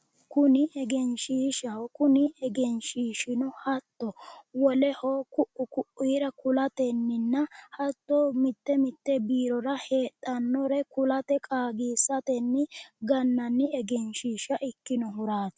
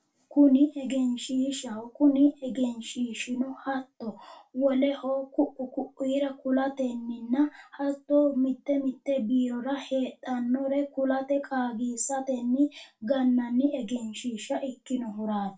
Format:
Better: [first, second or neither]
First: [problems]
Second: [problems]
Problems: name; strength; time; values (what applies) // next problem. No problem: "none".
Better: first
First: none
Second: room echo; dies away in 0.2 s